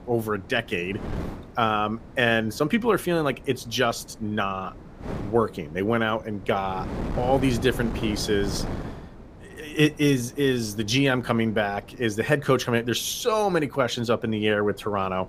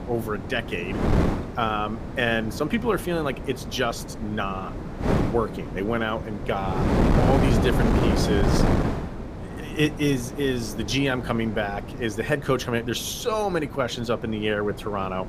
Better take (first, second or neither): first